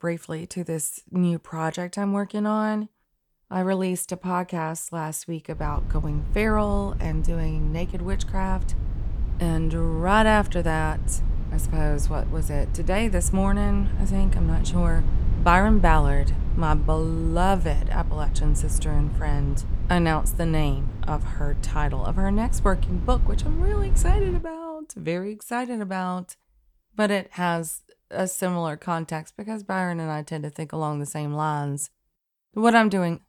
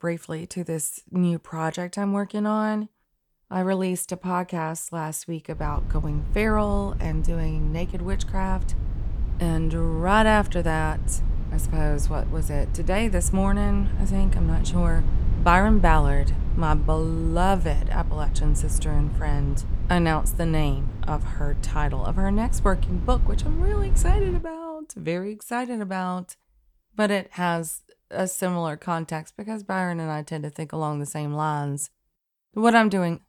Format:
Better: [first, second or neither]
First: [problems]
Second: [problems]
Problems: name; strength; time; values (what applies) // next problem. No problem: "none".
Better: neither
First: low rumble; noticeable; from 5.5 to 24 s; 15 dB below the speech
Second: low rumble; noticeable; from 5.5 to 24 s; 15 dB below the speech